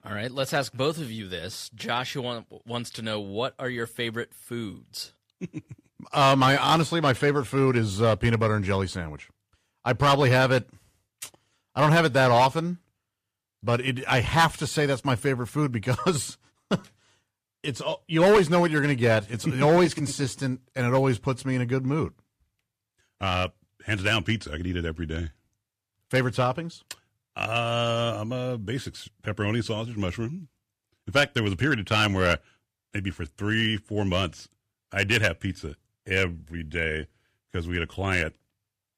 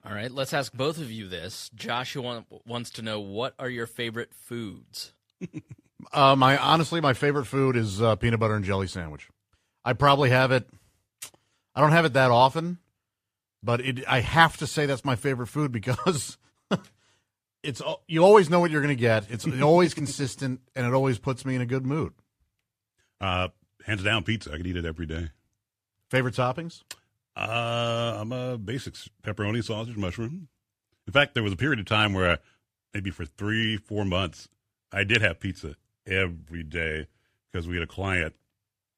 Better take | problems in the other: second | distortion; slight; 1.8% of the sound clipped

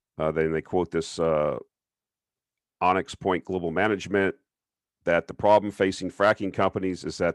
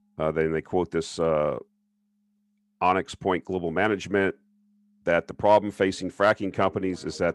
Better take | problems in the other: first | background music; faint; throughout; 30 dB below the speech

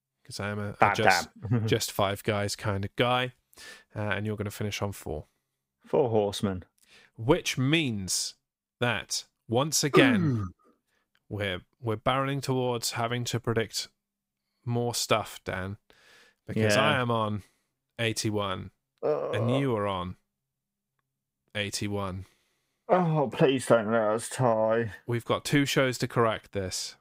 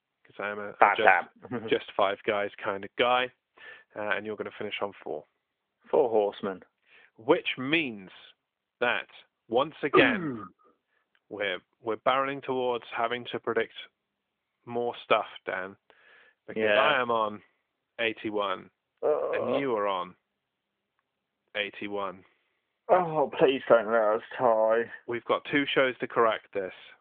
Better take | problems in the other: first | phone-call audio; nothing above 3.5 kHz

